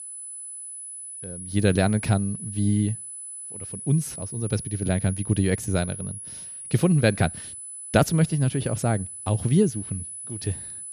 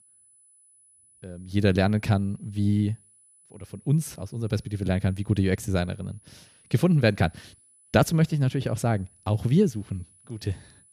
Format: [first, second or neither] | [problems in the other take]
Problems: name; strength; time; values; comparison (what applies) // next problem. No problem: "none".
second | high-pitched whine; loud; throughout; 10.5 kHz, 10 dB below the speech; faint in the second